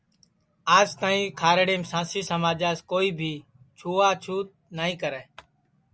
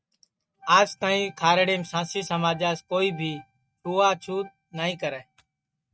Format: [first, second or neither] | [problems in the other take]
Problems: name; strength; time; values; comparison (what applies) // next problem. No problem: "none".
first | noise reduction (neural mask model RNNoise)